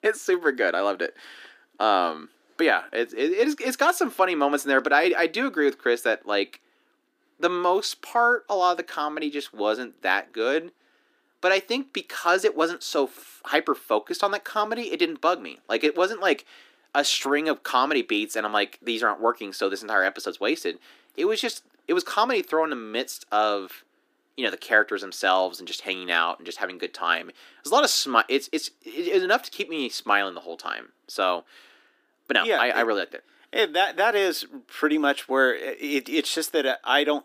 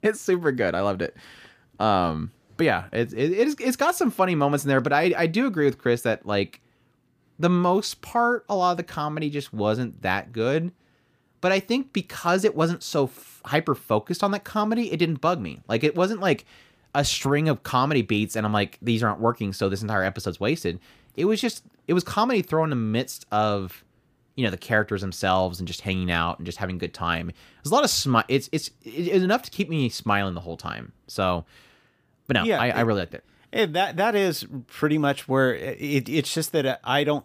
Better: second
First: thin; somewhat; fading below 300 Hz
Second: none

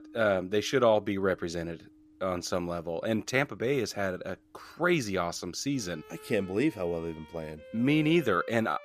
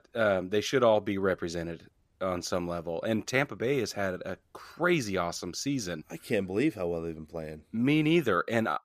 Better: second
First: background music; faint; throughout; 20 dB below the speech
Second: none

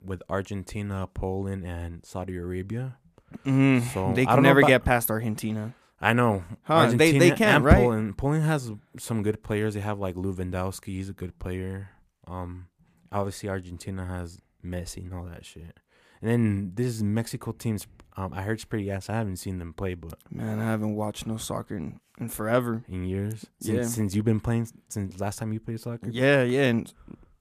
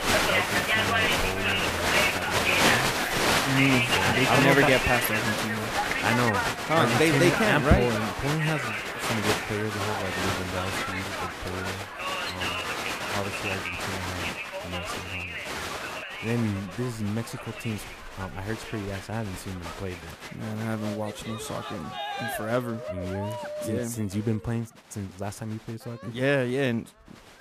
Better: first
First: none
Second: crowd noise; very loud; throughout; 3 dB above the speech

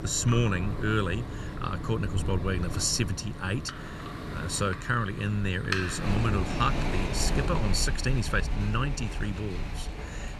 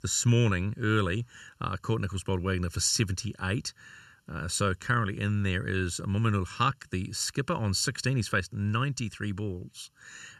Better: second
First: rain or running water; loud; throughout; 5 dB below the speech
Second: none

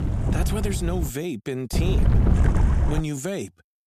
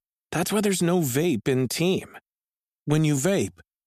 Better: second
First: wind noise on the microphone; heavy; until 1 s and from 1.5 to 3 s; 2 dB below the speech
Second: none

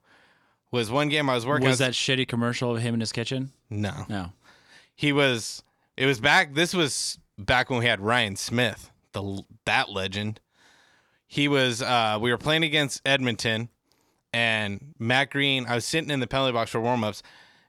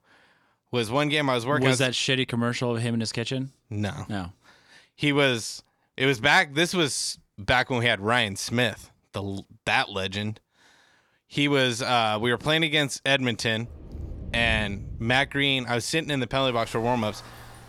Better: first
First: none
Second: rain or running water; noticeable; from 14 s on; 15 dB below the speech

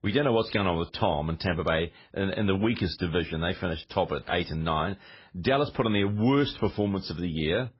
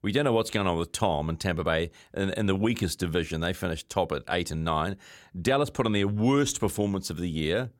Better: second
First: garbled, watery; badly; nothing above 5.5 kHz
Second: none

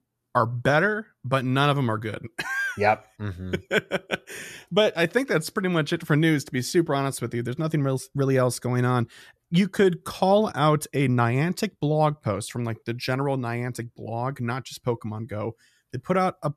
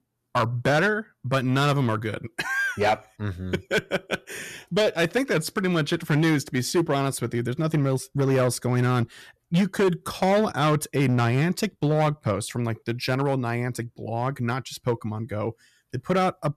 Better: first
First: none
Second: distortion; slight; 6% of the sound clipped

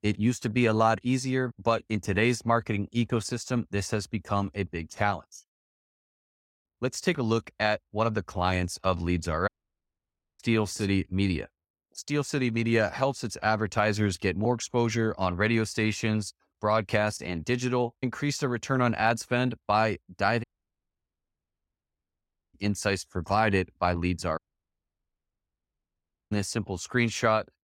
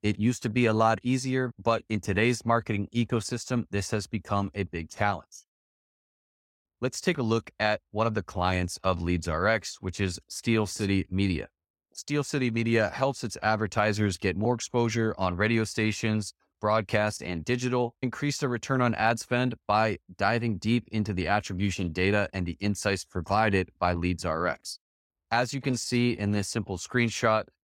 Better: second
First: audio cutting out; at 9.5 s for 1 s, at 20 s for 2 s and at 24 s for 2 s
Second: none

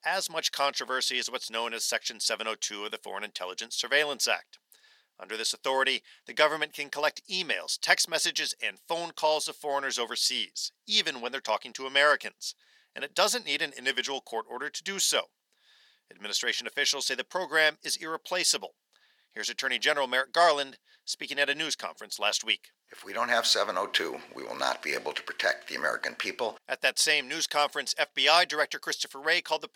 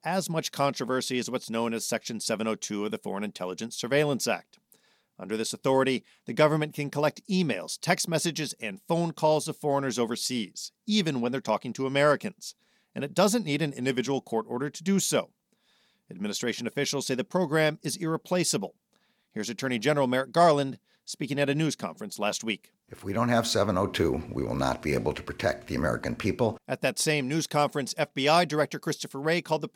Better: second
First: thin; very; fading below 600 Hz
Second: none

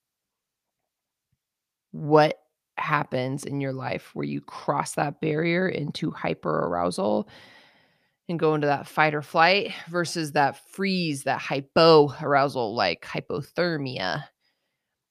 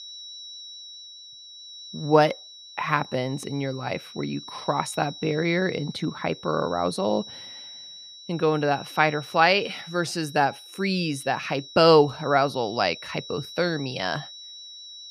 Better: first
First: none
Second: high-pitched whine; noticeable; throughout; 4 kHz, 15 dB below the speech

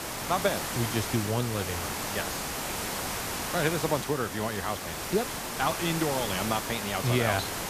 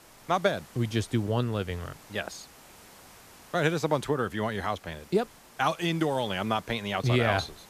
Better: second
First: hiss; loud; throughout; 2 dB below the speech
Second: hiss; faint; throughout; 20 dB below the speech

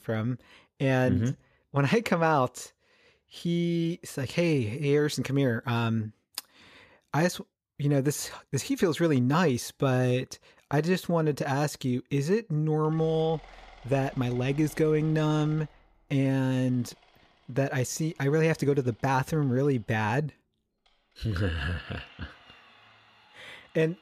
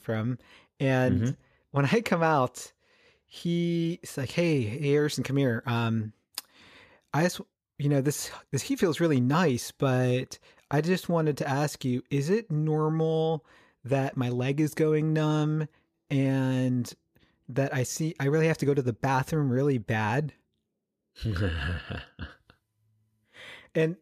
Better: second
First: machinery noise; faint; from 12 s on; 25 dB below the speech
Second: none

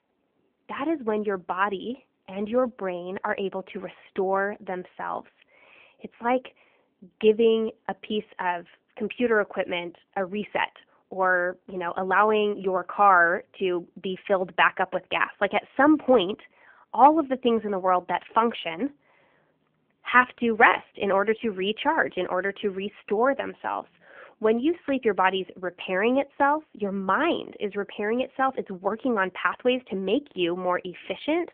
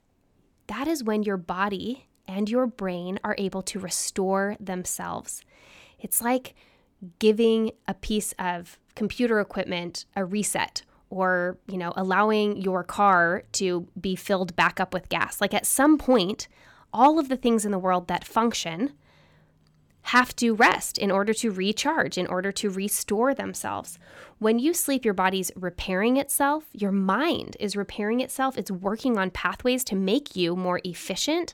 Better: second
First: phone-call audio; nothing above 3.5 kHz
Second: none

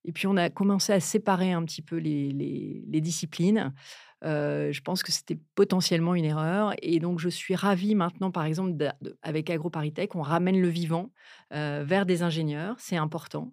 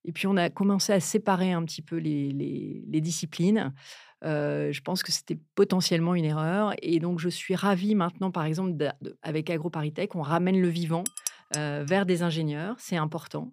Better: first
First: none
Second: clattering dishes; noticeable; at 11 s; peak 5 dB below the speech

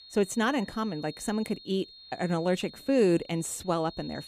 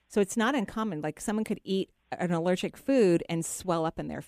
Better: second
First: high-pitched whine; noticeable; throughout; 4 kHz, 20 dB below the speech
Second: none

